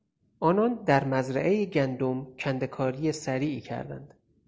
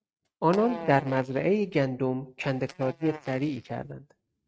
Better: first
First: none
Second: noise reduction (neural mask model RNNoise)

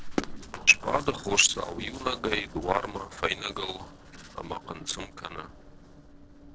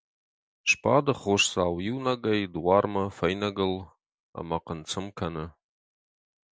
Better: second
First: noise reduction (neural separator model SepFormer DNS4)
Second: none

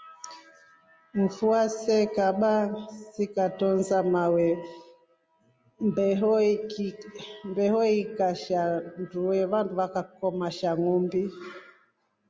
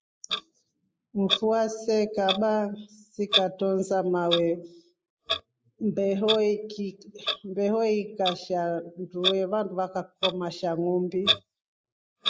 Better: first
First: none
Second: noise reduction (neural mask model Resemble Enhance denoiser)

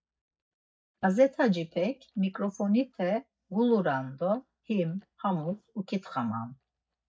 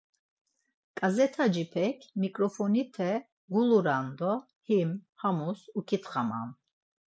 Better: second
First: noise reduction (neural mask model DeepFilterNet 3)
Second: none

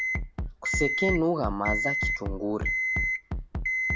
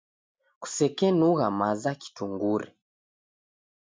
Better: second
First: background sound (Bass drum + Alarm); 2 dB above the speech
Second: none

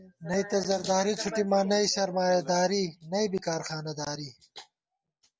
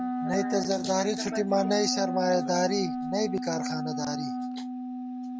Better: first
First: none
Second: background sound (Wind instrument, woodwind instrument); 3 dB below the speech

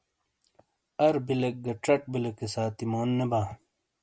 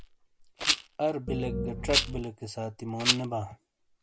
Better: first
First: none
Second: background sound (Rattle + Piano); 1 dB above the speech

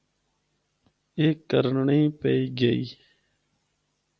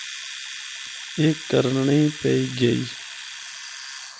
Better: first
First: none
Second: background sound (Domestic sounds, home sounds); 11 dB below the speech

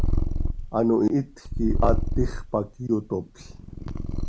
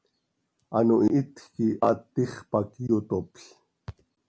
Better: second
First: background sound (Purr); 1 dB above the speech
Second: none

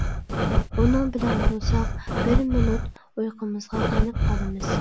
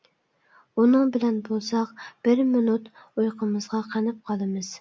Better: second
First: background sound (Breathing); 4 dB above the speech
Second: none

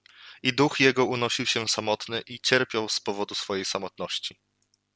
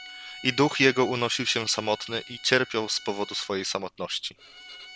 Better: first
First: none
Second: background sound (Bowed string instrument); 18 dB below the speech

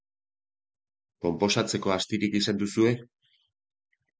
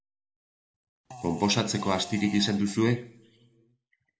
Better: first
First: none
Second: background sound (Fart); 15 dB below the speech // room echo; dies away in 0.6 s

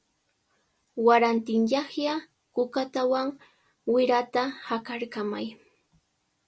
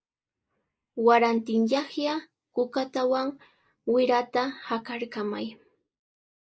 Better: first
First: none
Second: noise reduction (neural mask model Resemble Enhance denoiser)

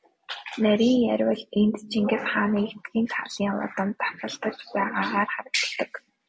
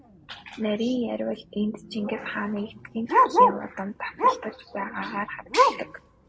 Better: first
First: none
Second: background sound (Bark); 4 dB above the speech

